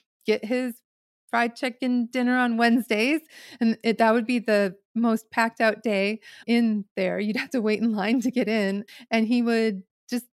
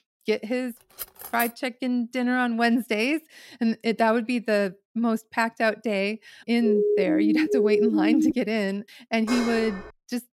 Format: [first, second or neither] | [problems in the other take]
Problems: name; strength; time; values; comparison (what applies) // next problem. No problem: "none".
first | clattering dishes; noticeable; at 1 s and at 9.5 s; peak 5 dB below the speech // siren; loud; from 6.5 to 8.5 s; peak 3 dB above the speech